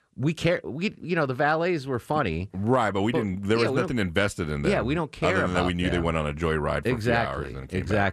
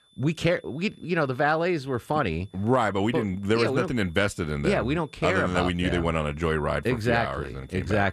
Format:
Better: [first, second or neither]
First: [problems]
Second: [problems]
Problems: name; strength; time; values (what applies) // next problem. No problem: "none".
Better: first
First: none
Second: high-pitched whine; faint; throughout; 3.5 kHz, 35 dB below the speech